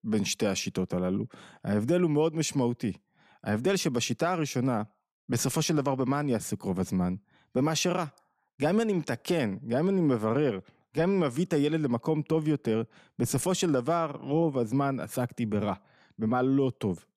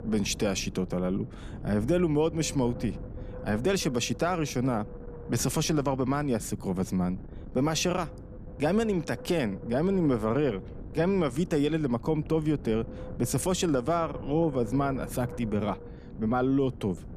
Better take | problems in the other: first | wind noise on the microphone; occasional gusts; 15 dB below the speech

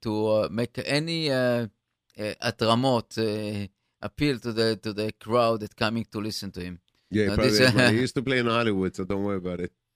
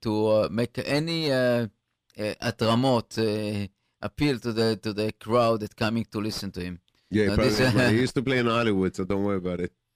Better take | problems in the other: first | distortion; slight; 10 dB below the speech

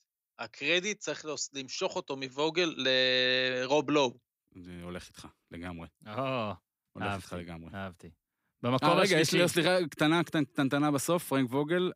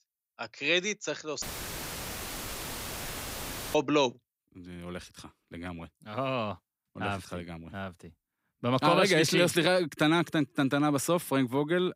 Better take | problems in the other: first | audio cutting out; filled with static; at 1.5 s for 2.5 s

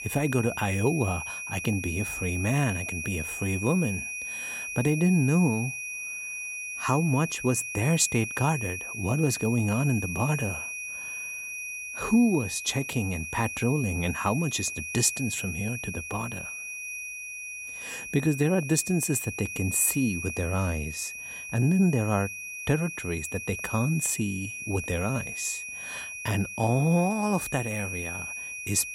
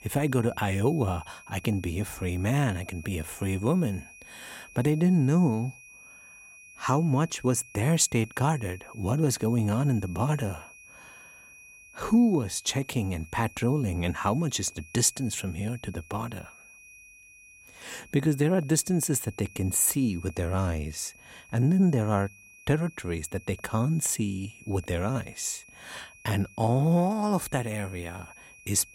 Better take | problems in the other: second | high-pitched whine; loud; throughout; 2.5 kHz, 6 dB below the speech; faint in the second

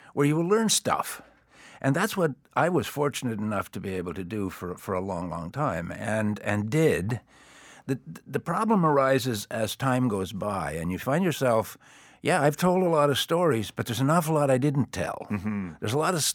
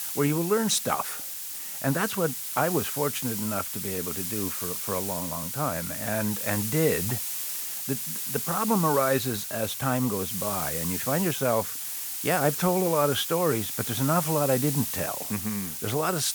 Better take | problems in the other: first | hiss; loud; throughout; 2 dB below the speech

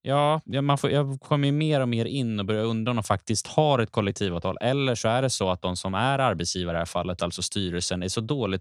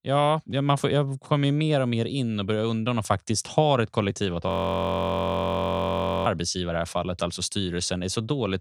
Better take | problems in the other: first | audio freezing; at 4.5 s for 2 s

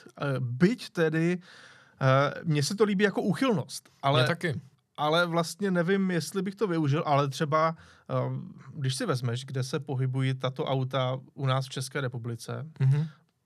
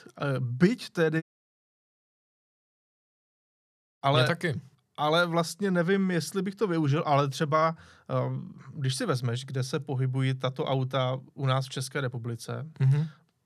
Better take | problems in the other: first | audio cutting out; at 1 s for 3 s

